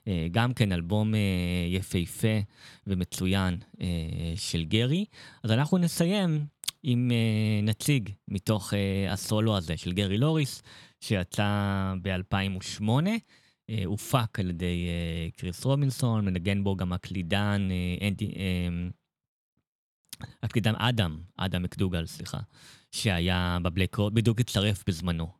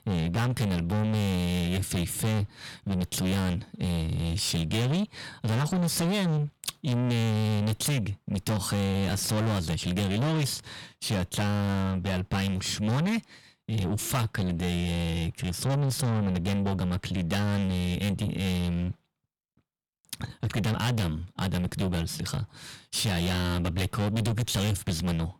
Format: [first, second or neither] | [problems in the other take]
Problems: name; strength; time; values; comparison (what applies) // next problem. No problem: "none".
first | distortion; heavy; 6 dB below the speech